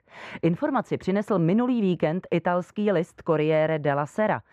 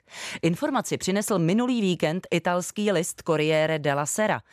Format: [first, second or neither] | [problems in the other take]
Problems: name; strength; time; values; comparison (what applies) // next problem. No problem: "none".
second | muffled; very; fading above 3.5 kHz